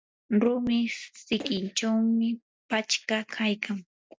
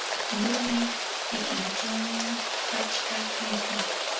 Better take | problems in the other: first | background sound (Rain); 3 dB above the speech // room echo; dies away in 0.3 s

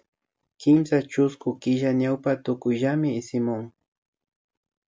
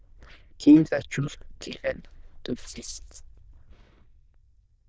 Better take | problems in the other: first | noise reduction (neural diffusion model UNIVERSE++)

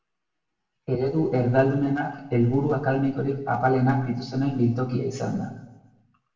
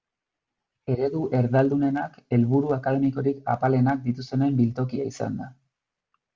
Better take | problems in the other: second | room echo; dies away in 1 s

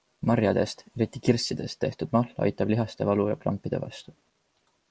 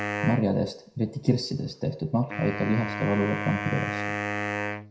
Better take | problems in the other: first | background sound (Wind instrument, woodwind instrument); 5 dB below the speech // room echo; dies away in 0.5 s

